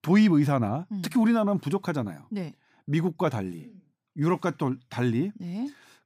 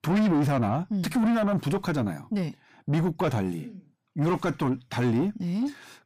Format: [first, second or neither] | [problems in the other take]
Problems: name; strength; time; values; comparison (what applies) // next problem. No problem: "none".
first | distortion; heavy; 6 dB below the speech